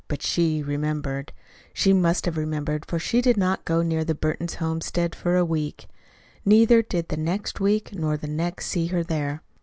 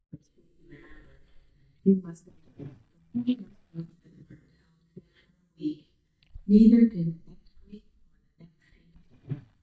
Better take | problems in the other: first | noise reduction (neural mask model DeepFilterNet 3)

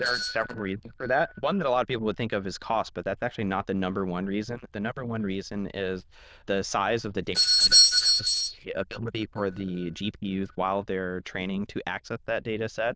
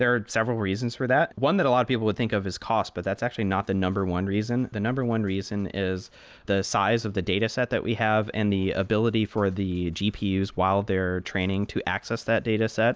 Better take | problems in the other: second | noise reduction (neural diffusion model UNIVERSE++)

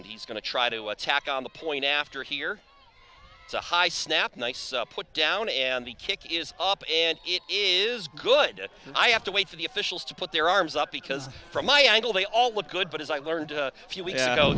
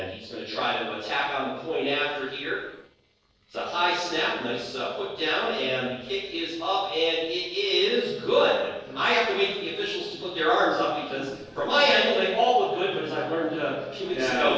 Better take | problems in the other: first | noise reduction (neural separator model SepFormer DNS4)

